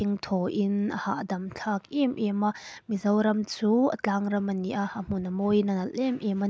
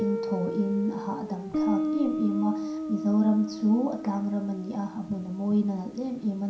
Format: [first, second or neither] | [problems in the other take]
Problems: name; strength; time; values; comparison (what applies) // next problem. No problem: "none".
first | background sound (Guitar); 5 dB below the speech // room echo; dies away in 0.5 s